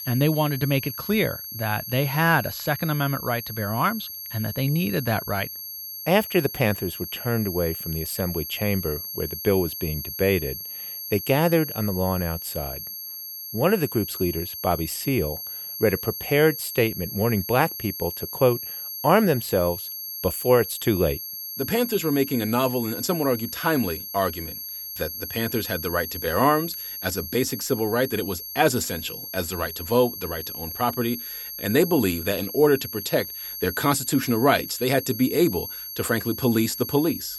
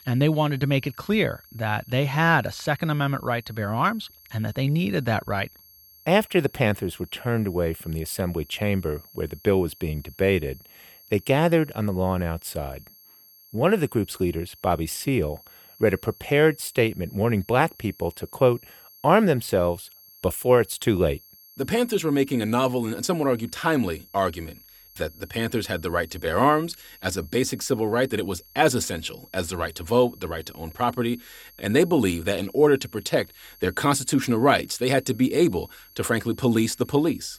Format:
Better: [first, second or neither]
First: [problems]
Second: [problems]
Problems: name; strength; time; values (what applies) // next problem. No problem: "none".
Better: second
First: high-pitched whine; loud; throughout; 11.5 kHz, 7 dB below the speech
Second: high-pitched whine; faint; throughout; 11.5 kHz, 25 dB below the speech